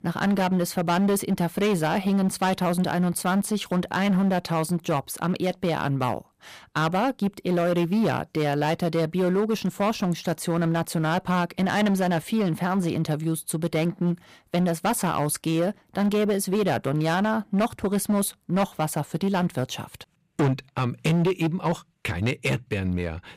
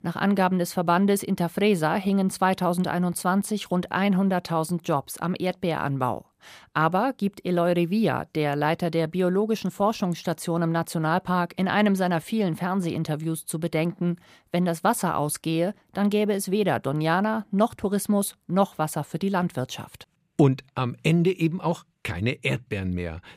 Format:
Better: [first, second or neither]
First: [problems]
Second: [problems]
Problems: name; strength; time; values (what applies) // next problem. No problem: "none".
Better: second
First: distortion; slight; 11% of the sound clipped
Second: none